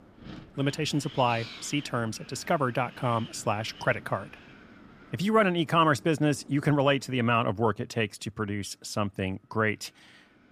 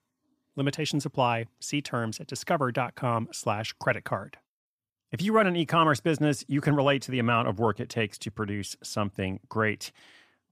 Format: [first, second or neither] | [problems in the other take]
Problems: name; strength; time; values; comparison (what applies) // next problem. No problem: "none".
second | wind noise on the microphone; occasional gusts; 20 dB below the speech